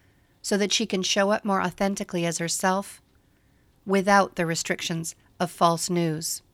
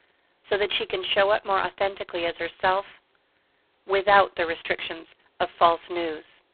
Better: first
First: none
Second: phone-call audio; poor line; nothing above 4 kHz

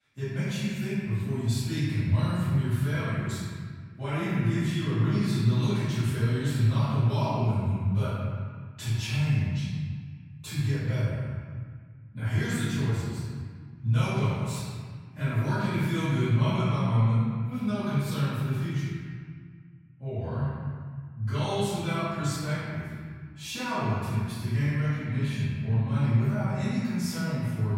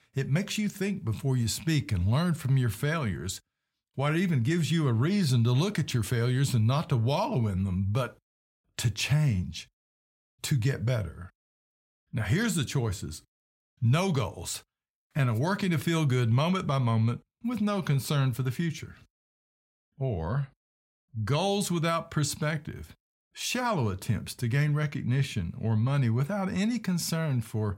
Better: second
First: room echo; strong; dies away in 1.8 s // off-mic speech; far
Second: none

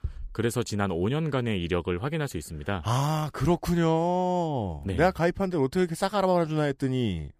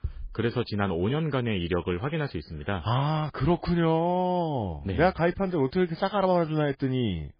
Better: first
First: none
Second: garbled, watery; badly

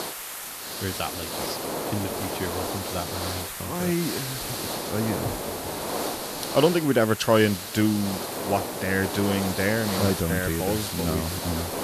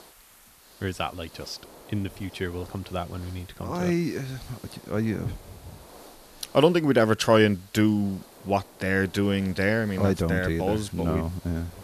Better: second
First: hiss; loud; throughout; 4 dB below the speech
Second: hiss; faint; throughout; 25 dB below the speech

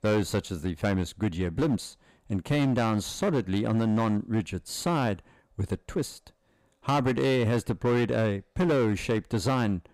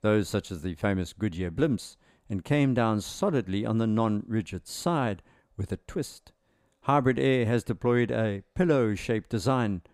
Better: second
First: distortion; slight; 11% of the sound clipped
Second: none

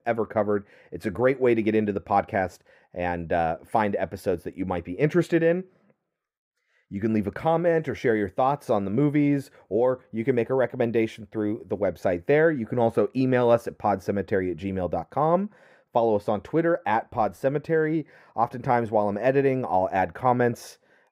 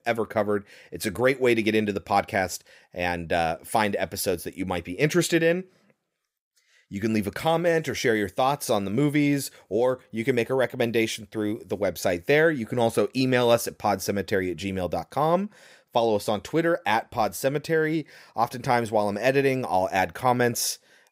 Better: second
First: muffled; very; fading above 2.5 kHz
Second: none

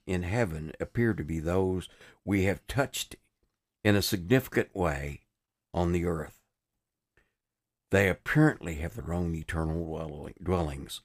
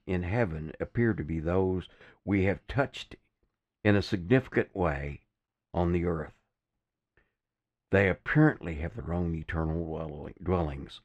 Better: first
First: none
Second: muffled; slightly; fading above 3 kHz

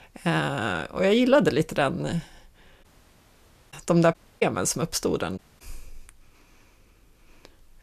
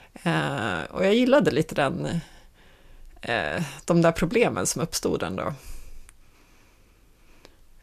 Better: second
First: audio cutting out; at 3 s for 1 s, at 4 s and at 5.5 s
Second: none

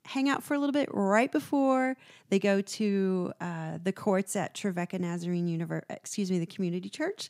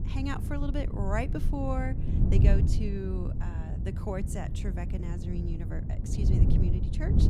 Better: first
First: none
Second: wind noise on the microphone; heavy; 4 dB below the speech

